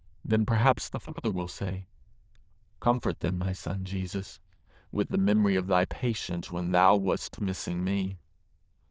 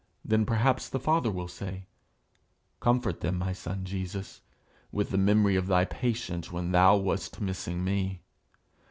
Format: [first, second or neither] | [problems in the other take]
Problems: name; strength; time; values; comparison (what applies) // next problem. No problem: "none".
second | noise reduction (neural diffusion model UNIVERSE++)